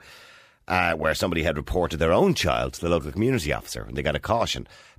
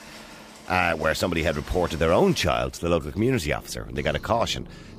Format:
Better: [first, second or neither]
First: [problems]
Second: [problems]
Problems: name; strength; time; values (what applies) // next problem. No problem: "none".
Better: first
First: none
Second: animal sounds; noticeable; throughout; 20 dB below the speech